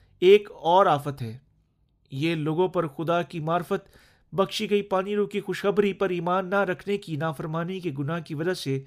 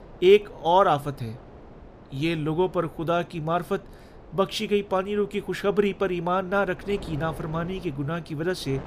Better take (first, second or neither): first